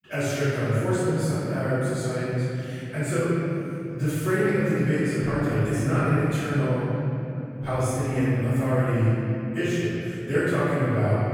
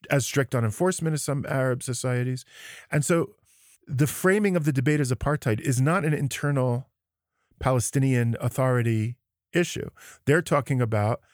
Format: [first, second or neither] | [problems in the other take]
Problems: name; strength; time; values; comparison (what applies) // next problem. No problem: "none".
second | off-mic speech; far // room echo; strong; dies away in 3 s